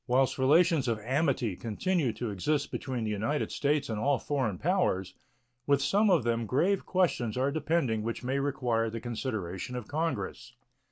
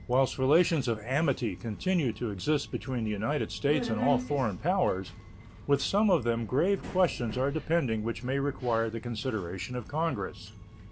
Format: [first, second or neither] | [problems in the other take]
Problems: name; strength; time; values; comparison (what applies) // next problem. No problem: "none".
first | background sound (Subway, metro, underground); 13 dB below the speech